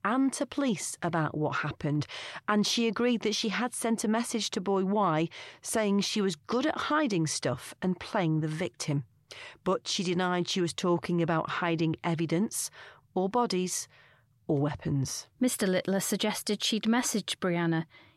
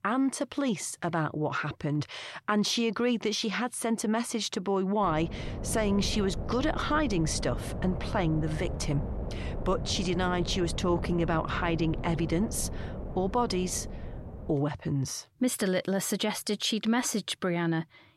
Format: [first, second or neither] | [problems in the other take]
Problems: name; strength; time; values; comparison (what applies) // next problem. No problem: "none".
first | wind noise on the microphone; occasional gusts; from 5 to 15 s; 10 dB below the speech